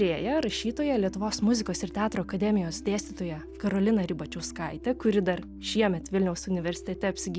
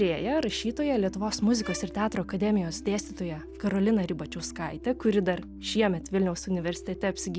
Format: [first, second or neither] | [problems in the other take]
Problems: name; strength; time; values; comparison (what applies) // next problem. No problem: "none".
first | background sound (Bowed string instrument); 18 dB below the speech